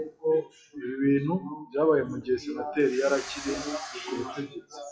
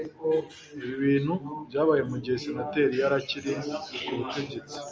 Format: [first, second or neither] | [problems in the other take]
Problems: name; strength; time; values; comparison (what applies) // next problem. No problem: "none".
second | noise reduction (classical method WPE with log-MMSE)